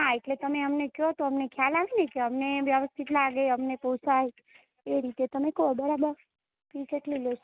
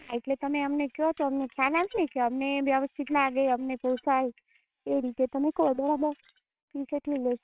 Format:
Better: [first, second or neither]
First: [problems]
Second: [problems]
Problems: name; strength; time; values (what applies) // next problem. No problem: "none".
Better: first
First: none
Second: noise reduction (neural separator model SepFormer WHAMR!)